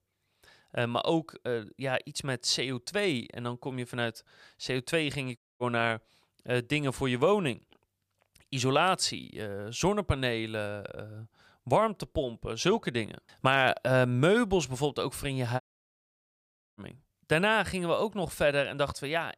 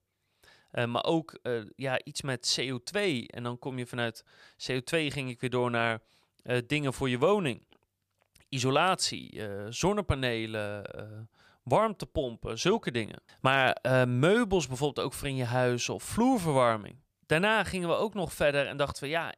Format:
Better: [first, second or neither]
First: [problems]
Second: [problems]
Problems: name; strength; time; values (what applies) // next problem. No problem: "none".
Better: second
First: audio cutting out; at 5.5 s and at 16 s for 1 s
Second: none